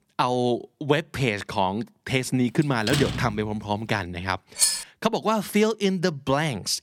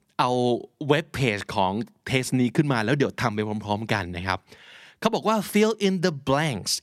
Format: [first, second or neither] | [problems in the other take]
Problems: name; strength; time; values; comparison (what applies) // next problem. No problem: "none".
second | door banging; noticeable; at 2.5 s; peak 2 dB below the speech // clattering dishes; loud; at 4.5 s; peak 4 dB above the speech